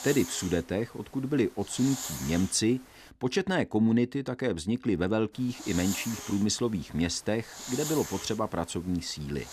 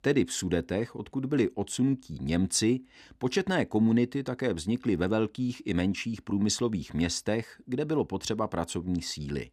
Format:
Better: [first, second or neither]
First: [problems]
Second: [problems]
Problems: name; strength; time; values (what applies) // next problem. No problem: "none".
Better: second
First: hiss; loud; until 3 s and from 5.5 s on; 9 dB below the speech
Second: none